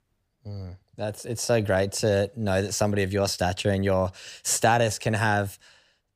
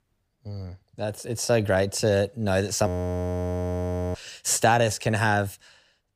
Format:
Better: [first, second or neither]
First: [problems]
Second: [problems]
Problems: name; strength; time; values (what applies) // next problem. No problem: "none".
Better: first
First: none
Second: audio freezing; at 3 s for 1.5 s